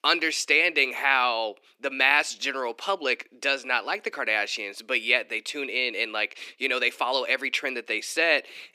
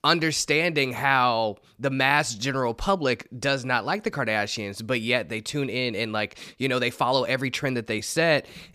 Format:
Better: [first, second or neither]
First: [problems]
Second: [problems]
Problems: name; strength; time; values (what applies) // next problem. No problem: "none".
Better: second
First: thin; somewhat; fading below 300 Hz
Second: none